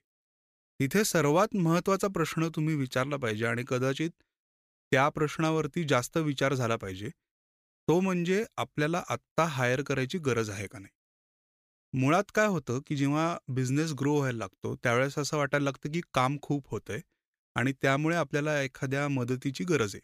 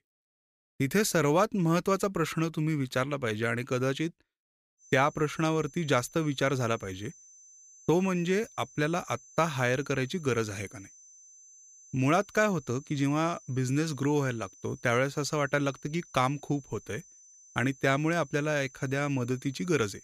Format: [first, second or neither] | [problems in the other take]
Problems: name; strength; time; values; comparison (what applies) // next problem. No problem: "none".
first | high-pitched whine; faint; from 5 s on; 6 kHz, 25 dB below the speech